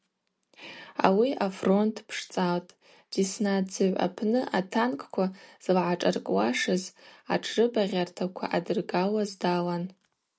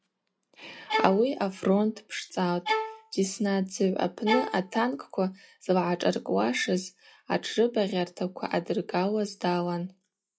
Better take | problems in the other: first | noise reduction (classical method log-MMSE)

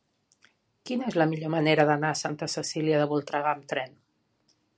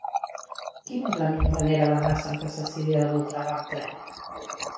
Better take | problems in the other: first | background sound (Water tap, faucet); 5 dB below the speech // room echo; dies away in 0.6 s

